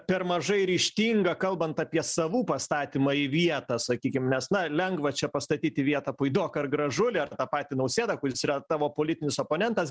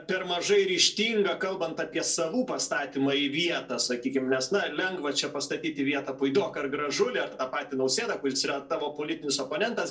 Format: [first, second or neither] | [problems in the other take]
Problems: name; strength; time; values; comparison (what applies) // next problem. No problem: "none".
first | room echo; dies away in 0.2 s